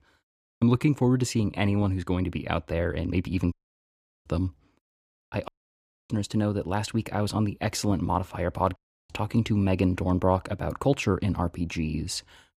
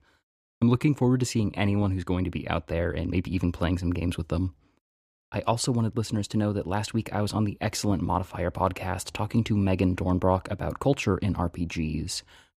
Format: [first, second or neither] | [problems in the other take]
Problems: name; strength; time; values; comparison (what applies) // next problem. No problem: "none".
second | audio cutting out; at 3.5 s for 0.5 s, at 5.5 s for 0.5 s and at 9 s